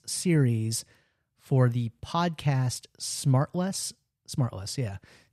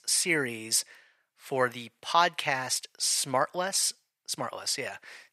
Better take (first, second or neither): first